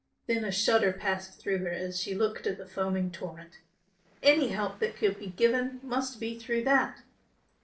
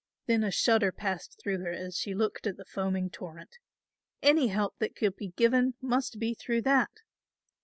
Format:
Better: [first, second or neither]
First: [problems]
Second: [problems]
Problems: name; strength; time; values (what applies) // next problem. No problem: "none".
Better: second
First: noise reduction (neural separator model SepFormer DNS4)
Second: none